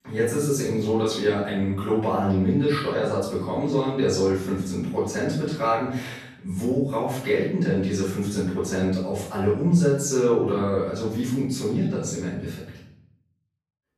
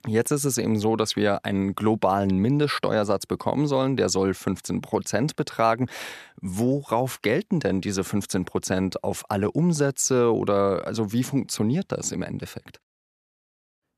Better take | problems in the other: second | off-mic speech; far // room echo; noticeable; dies away in 0.7 s

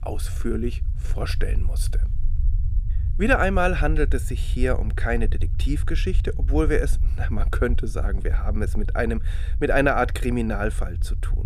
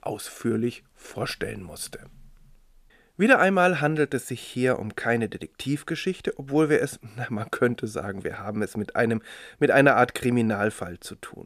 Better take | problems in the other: second | low rumble; faint; throughout; 20 dB below the speech

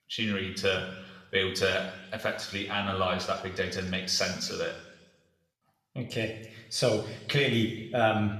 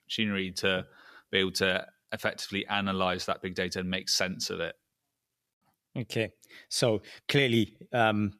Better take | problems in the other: second | room echo; noticeable; dies away in 1 s // off-mic speech; somewhat distant

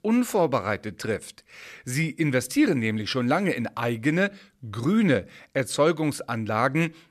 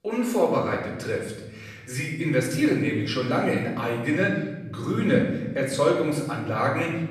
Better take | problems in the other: first | off-mic speech; far // room echo; noticeable; dies away in 1.2 s

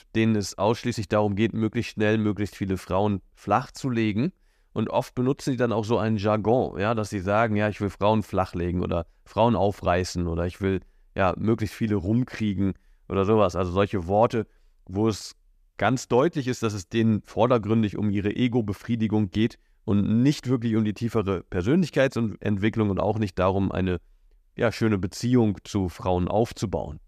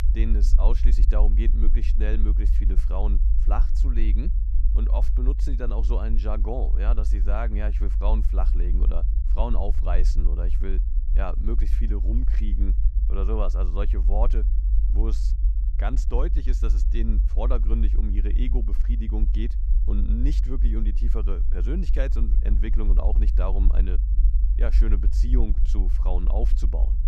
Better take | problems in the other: first | low rumble; loud; throughout; 10 dB below the speech

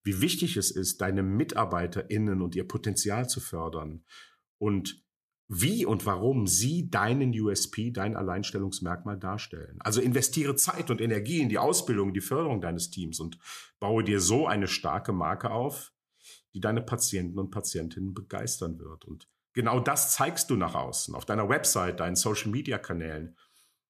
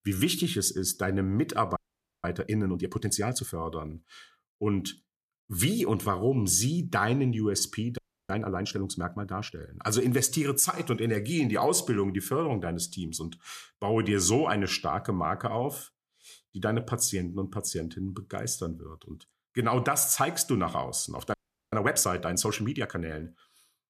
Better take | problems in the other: first | audio freezing; at 2 s, at 8 s and at 21 s

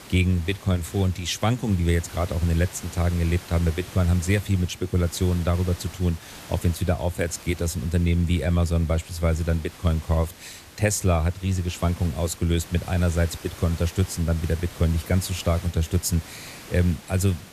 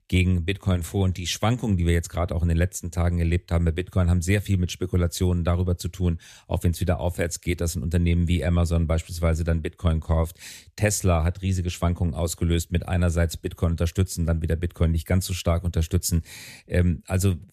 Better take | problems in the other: second | hiss; noticeable; throughout; 15 dB below the speech

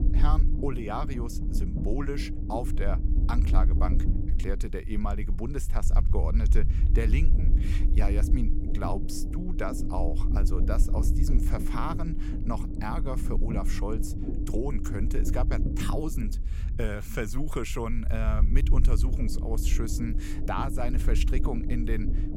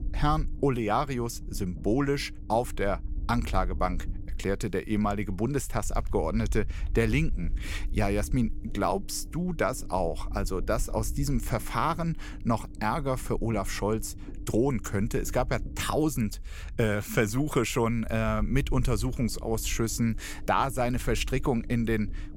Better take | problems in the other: second | low rumble; loud; throughout; 6 dB below the speech; faint in the second

